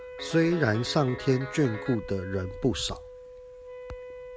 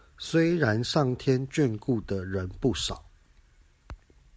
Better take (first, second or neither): second